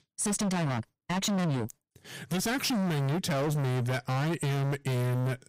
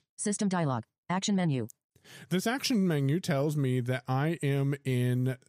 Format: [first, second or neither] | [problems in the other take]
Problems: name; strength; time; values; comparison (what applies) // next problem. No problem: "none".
second | distortion; heavy; 39% of the sound clipped